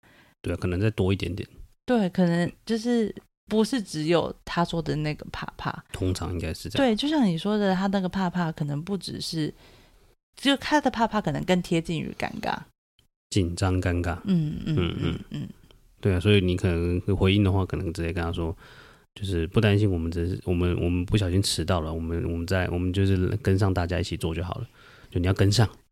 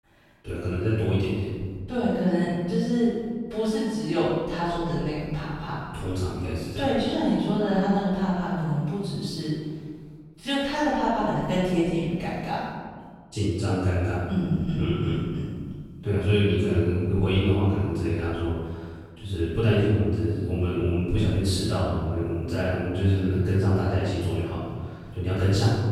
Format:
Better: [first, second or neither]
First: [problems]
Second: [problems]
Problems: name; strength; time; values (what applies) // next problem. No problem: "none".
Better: first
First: none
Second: off-mic speech; far // room echo; strong; dies away in 1.6 s